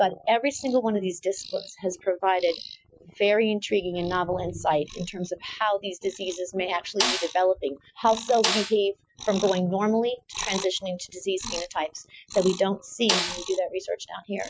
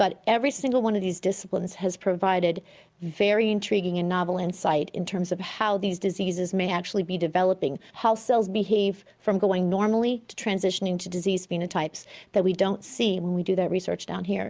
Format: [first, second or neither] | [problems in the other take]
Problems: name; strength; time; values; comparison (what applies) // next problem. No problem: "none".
second | noise reduction (classical method Wiener filter)